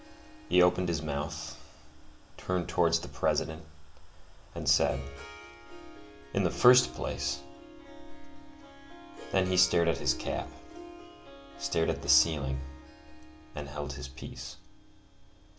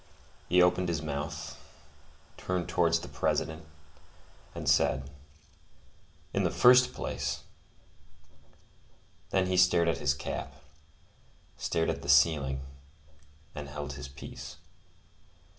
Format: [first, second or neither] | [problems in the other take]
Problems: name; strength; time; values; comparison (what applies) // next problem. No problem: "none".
second | background sound (Harp); 17 dB below the speech